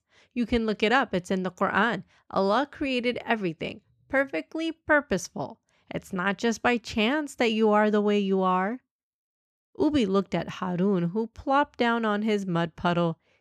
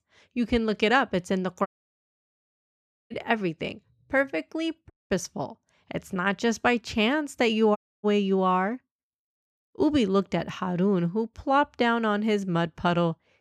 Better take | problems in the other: first | audio cutting out; at 1.5 s for 1.5 s, at 5 s and at 8 s

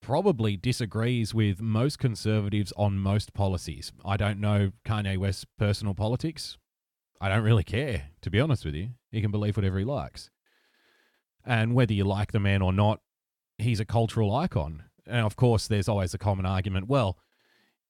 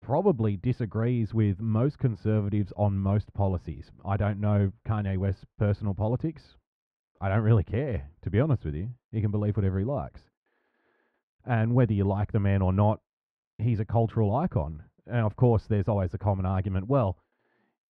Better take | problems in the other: first | muffled; very; fading above 3.5 kHz

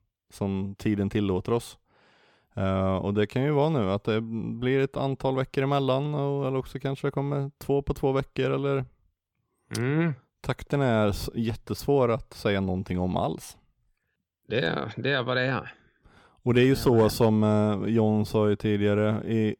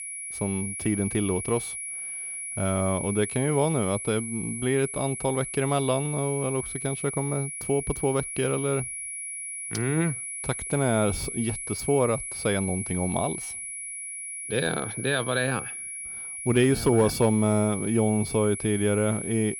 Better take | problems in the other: first | high-pitched whine; loud; throughout; 10.5 kHz, 6 dB below the speech

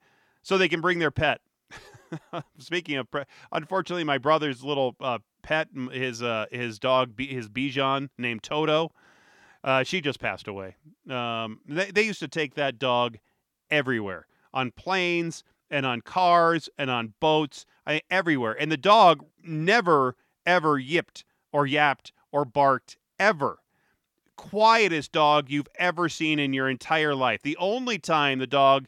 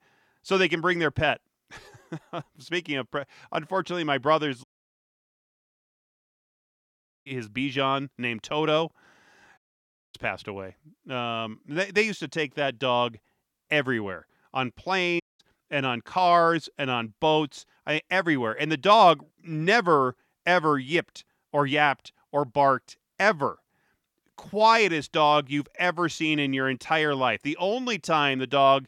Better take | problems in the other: first | audio cutting out; at 4.5 s for 2.5 s, at 9.5 s for 0.5 s and at 15 s

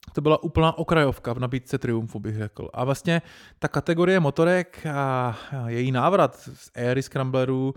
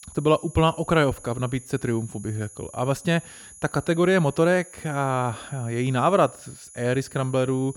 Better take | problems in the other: first | high-pitched whine; noticeable; throughout; 10.5 kHz, 20 dB below the speech

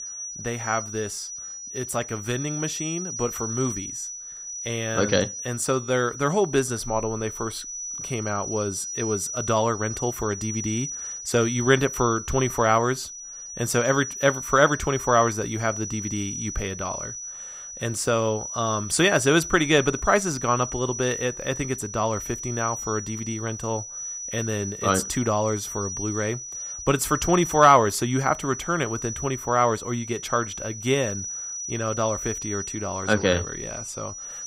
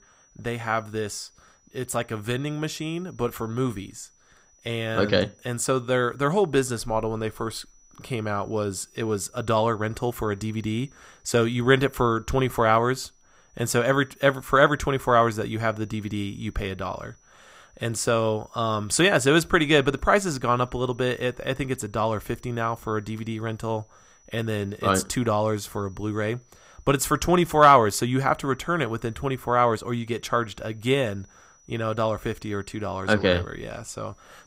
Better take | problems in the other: second | high-pitched whine; loud; throughout; 6 kHz, 7 dB below the speech; faint in the second

